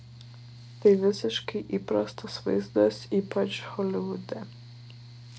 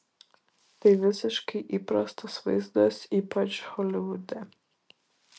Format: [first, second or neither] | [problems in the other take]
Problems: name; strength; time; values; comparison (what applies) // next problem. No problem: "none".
second | background sound (Mechanical fan); 18 dB below the speech